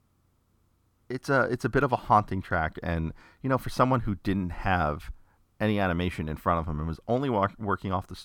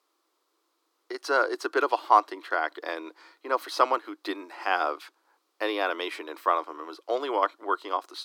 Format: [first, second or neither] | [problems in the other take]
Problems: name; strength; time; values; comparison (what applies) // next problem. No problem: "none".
first | thin; very; fading below 300 Hz